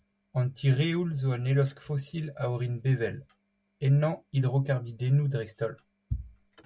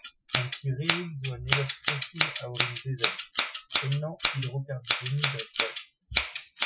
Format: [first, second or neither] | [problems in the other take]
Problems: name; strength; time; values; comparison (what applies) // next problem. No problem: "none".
first | noise reduction (classical method Wiener filter)